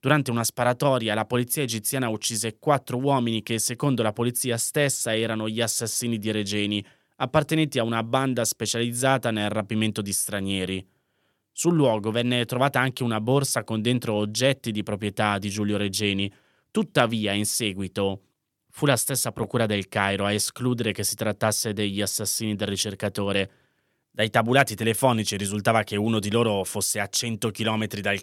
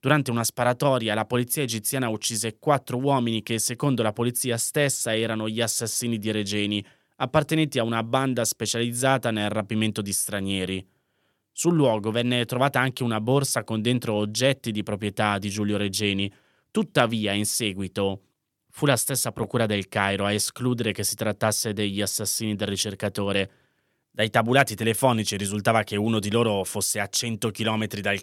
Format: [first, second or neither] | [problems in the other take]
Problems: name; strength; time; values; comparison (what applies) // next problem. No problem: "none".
neither | none